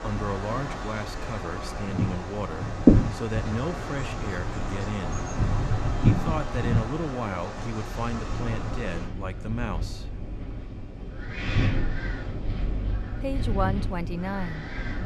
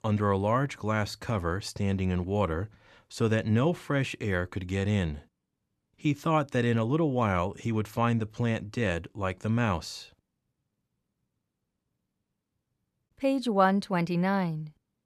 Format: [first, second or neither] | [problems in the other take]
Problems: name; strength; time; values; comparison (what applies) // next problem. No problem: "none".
second | wind in the background; very loud; throughout; 3 dB above the speech